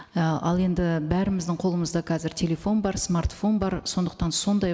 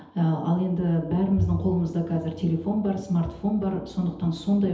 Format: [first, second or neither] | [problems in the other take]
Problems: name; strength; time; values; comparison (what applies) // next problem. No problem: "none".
first | background sound (Bowed string instrument); 12 dB below the speech // room echo; dies away in 0.8 s